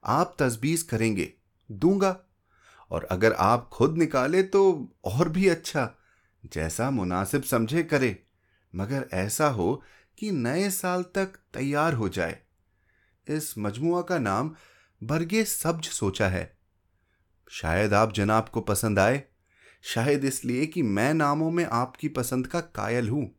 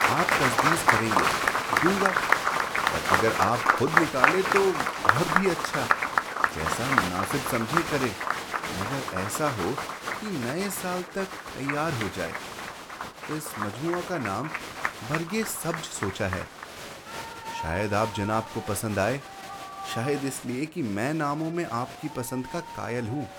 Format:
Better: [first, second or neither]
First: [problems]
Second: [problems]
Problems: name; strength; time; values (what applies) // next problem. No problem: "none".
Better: first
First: none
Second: crowd noise; very loud; throughout; 3 dB above the speech